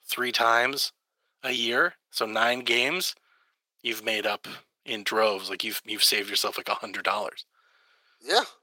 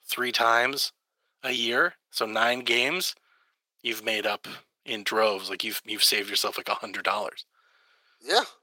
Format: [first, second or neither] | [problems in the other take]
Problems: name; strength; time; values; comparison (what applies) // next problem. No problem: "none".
neither | thin; very; fading below 450 Hz; the same in both